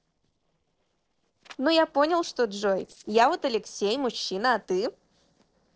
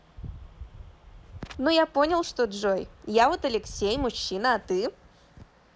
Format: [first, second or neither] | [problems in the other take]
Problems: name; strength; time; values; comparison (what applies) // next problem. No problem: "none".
second | noise reduction (neural separator model SepFormer DNS4)